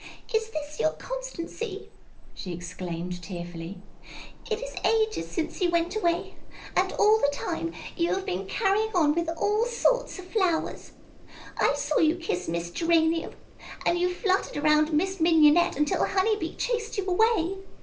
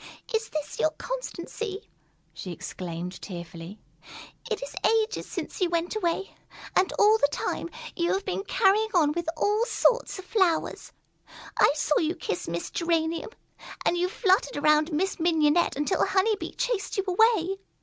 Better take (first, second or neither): second